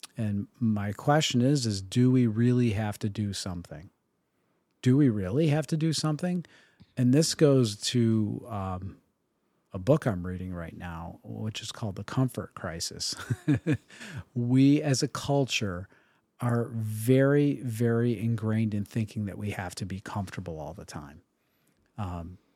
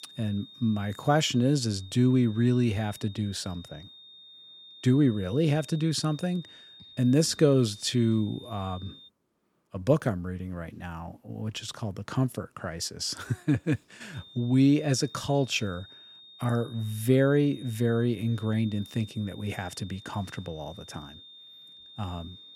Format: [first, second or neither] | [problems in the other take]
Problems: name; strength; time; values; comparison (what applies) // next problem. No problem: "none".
first | high-pitched whine; faint; until 9 s and from 14 s on; 3.5 kHz, 20 dB below the speech